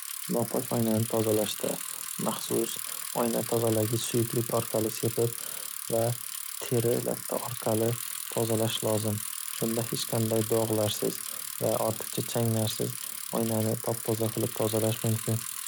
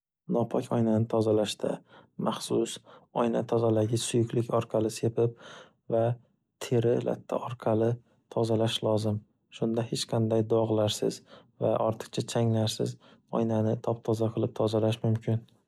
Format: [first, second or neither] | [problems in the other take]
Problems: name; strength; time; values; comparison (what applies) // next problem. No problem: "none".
second | background sound (Bicycle); 7 dB below the speech